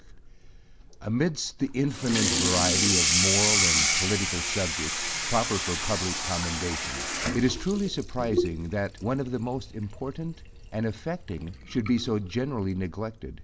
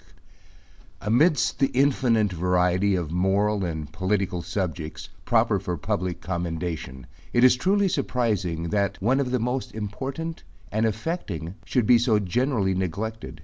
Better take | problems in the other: second | background sound (Sink (filling or washing) / Water tap, faucet); as loud as the speech

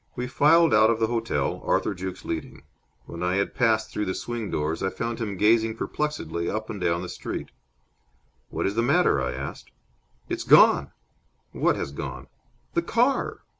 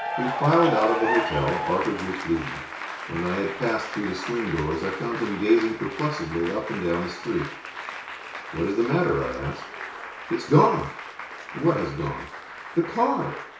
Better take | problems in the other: first | background sound (Applause / Cheering); 7 dB below the speech // room echo; dies away in 0.6 s

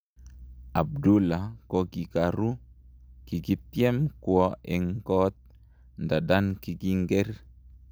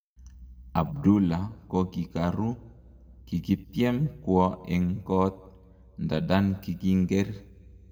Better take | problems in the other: first | room echo; dies away in 0.8 s

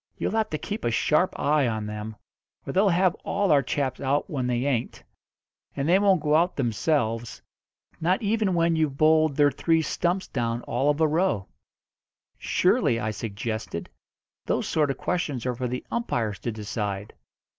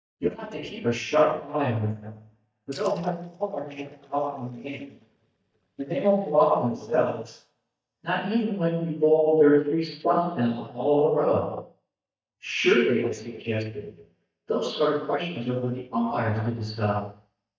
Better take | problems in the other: first | noise reduction (neural mask model DeepFilterNet 3)

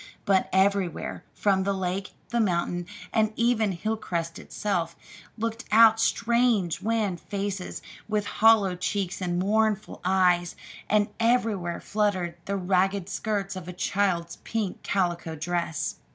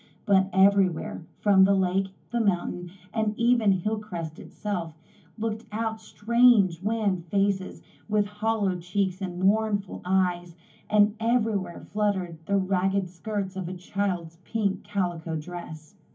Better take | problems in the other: first | room echo; dies away in 0.3 s

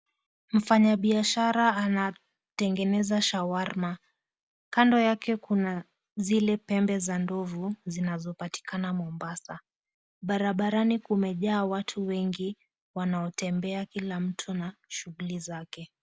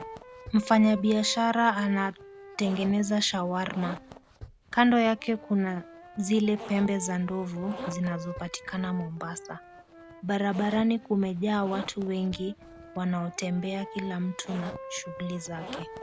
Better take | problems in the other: first | background sound (Zipper (clothing) + Wind instrument, woodwind instrument); 15 dB below the speech

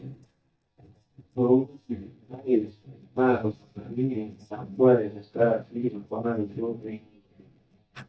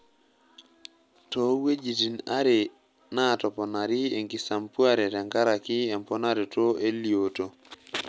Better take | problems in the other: second | noise reduction (neural mask model DeepFilterNet 3)

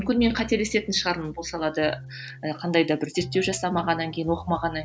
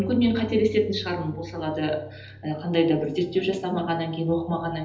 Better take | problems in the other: first | background sound (Keyboard (musical)); 16 dB below the speech // room echo; dies away in 1.2 s

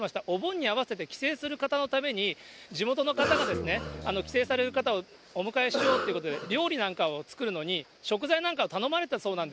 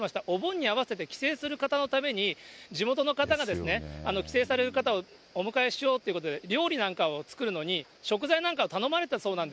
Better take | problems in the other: second | background sound (Cough); 6 dB below the speech

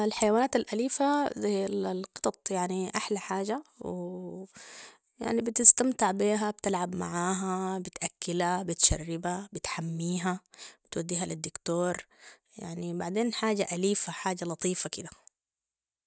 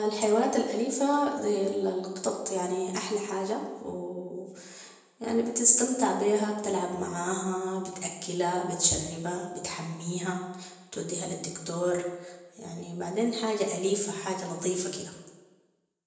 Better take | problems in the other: first | room echo; dies away in 1 s

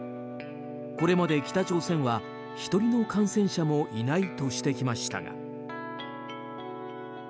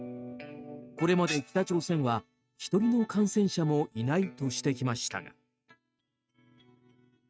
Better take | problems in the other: first | noise reduction (neural mask model RNNoise)

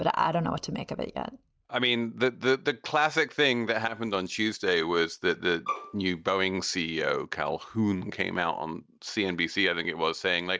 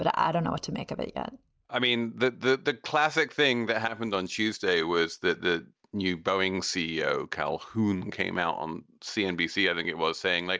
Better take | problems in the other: second | background sound (Bowed string instrument); 8 dB below the speech

